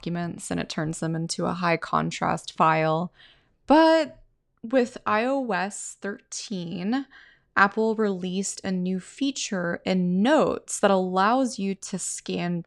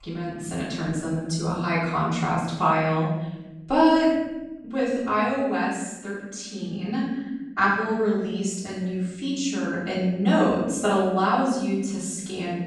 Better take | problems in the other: first | off-mic speech; far // room echo; strong; dies away in 1.1 s

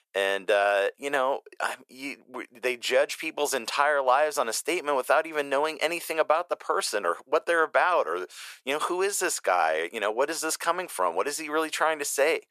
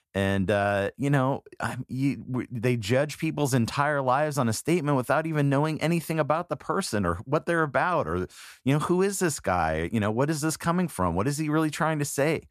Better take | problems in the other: second | thin; very; fading below 450 Hz

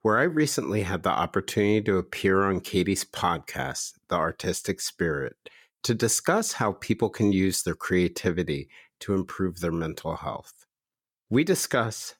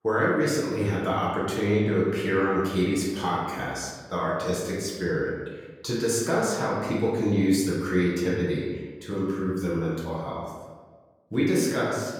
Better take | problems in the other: first | room echo; noticeable; dies away in 1.3 s // off-mic speech; far

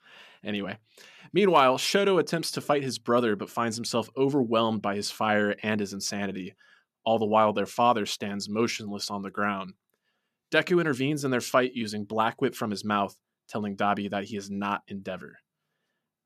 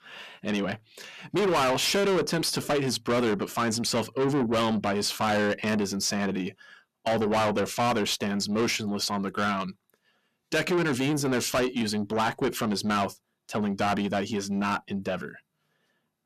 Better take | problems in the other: first | distortion; heavy; 6 dB below the speech

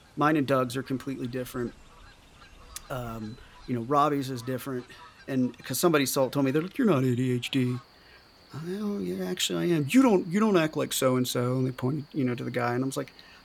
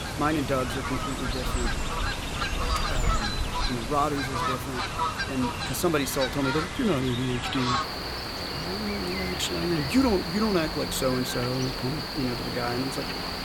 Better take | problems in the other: first | animal sounds; loud; throughout; 1 dB below the speech; faint in the first

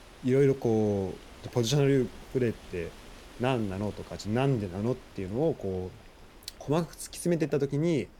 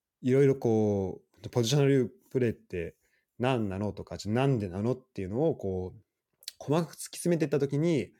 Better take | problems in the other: second | wind noise on the microphone; occasional gusts; 20 dB below the speech

